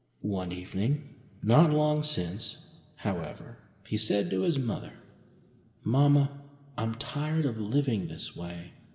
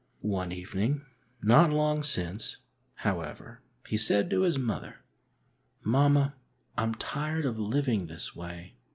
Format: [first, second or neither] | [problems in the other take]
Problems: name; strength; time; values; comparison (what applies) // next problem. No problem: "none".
second | room echo; dies away in 2.6 s